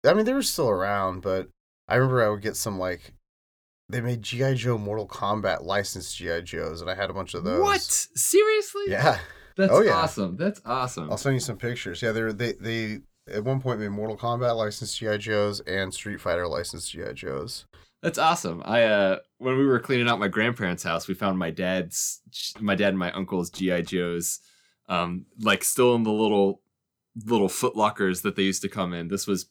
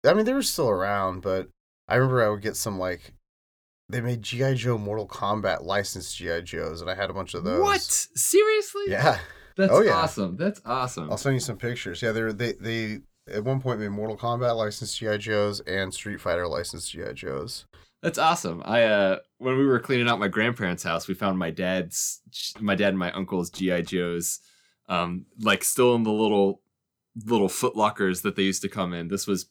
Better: neither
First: none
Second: none

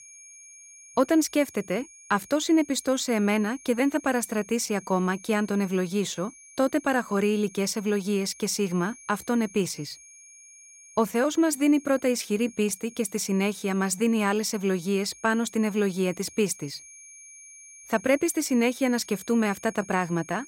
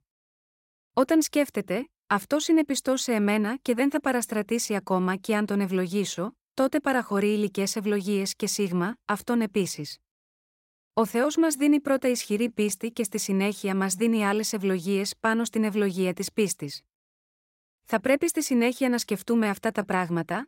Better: second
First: high-pitched whine; faint; throughout; 6.5 kHz, 20 dB below the speech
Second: none

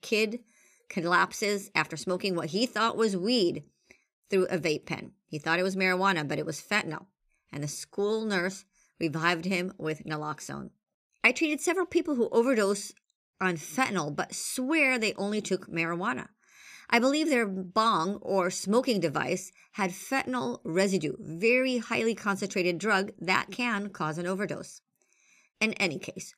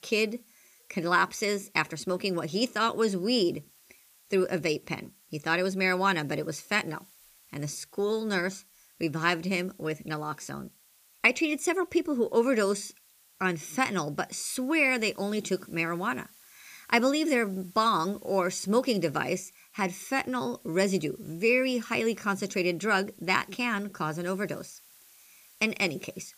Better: first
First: none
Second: hiss; faint; throughout; 25 dB below the speech

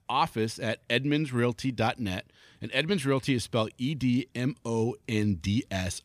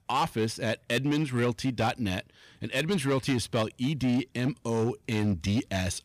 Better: first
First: none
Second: distortion; slight; 9% of the sound clipped

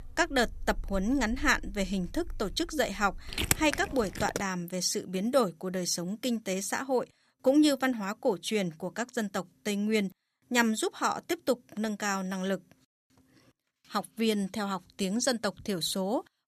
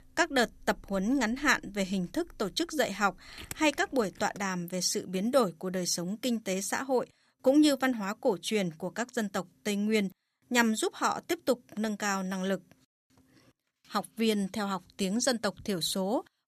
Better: second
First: animal sounds; loud; until 4 s; 6 dB below the speech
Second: animal sounds; faint; until 4 s; 20 dB below the speech

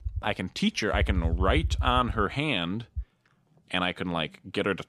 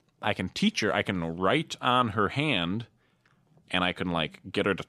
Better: second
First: low rumble; faint; until 3 s; 20 dB below the speech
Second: none

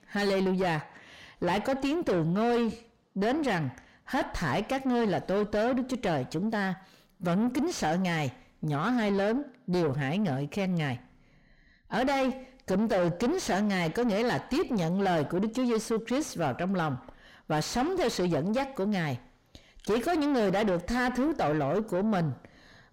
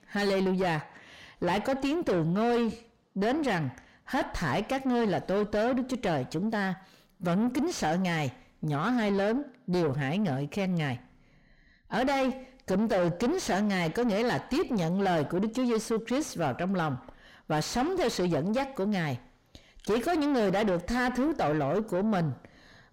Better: neither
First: distortion; heavy; 7 dB below the speech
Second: distortion; heavy; 7 dB below the speech

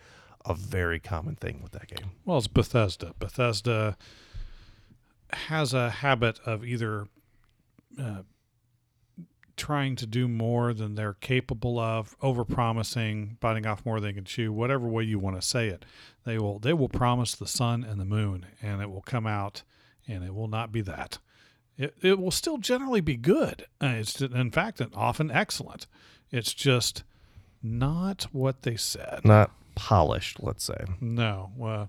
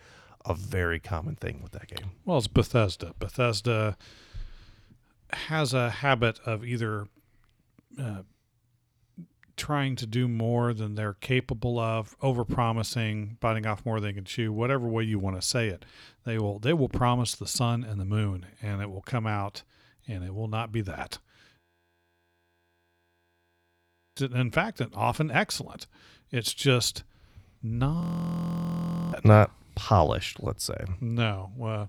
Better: first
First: none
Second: audio freezing; at 22 s for 2.5 s and at 28 s for 1 s

